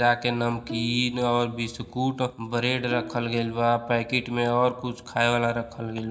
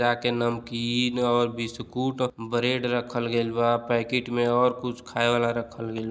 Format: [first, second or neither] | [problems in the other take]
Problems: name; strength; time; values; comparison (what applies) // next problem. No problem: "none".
second | background sound (Bowed string instrument); 16 dB below the speech // room echo; dies away in 0.4 s